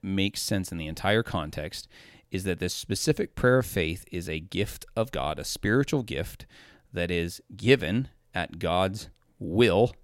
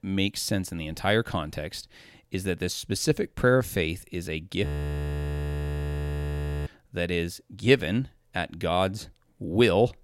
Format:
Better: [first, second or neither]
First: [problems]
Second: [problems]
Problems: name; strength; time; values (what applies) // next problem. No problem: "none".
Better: first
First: none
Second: audio freezing; at 4.5 s for 2 s